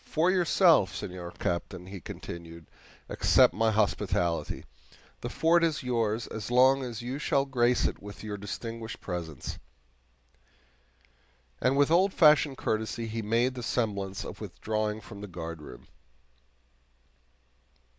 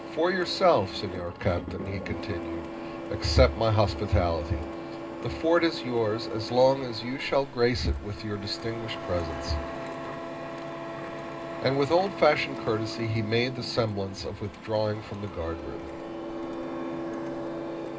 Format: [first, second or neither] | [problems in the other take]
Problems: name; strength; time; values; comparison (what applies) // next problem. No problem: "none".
first | background sound (Printer); 8 dB below the speech // room echo; dies away in 0.2 s